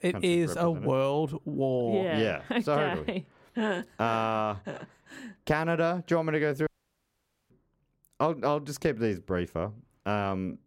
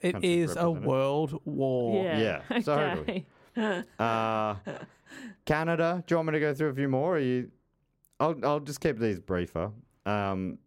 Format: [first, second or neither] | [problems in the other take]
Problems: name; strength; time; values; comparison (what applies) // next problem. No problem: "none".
second | audio cutting out; at 6.5 s for 1 s